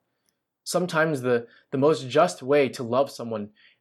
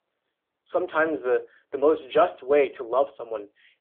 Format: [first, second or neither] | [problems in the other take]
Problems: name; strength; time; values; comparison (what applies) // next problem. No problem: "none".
first | phone-call audio; nothing above 3.5 kHz